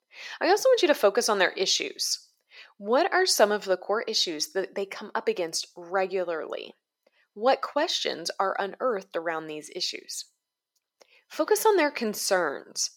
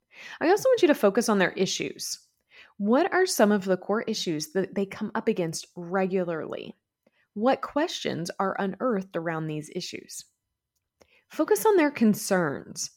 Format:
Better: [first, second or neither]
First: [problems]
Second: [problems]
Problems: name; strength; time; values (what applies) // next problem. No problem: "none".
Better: second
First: thin; somewhat; fading below 500 Hz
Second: none